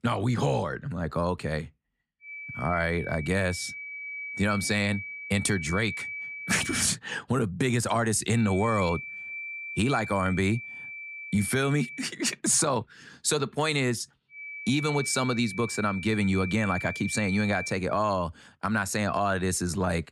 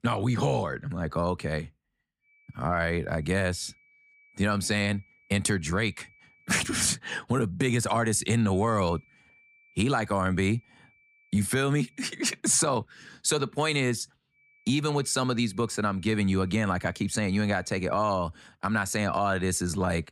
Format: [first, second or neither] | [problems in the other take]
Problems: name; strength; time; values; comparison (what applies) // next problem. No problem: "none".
second | high-pitched whine; loud; from 2.5 to 7 s, from 8.5 to 12 s and from 14 to 18 s; 2.5 kHz, 8 dB below the speech; faint in the second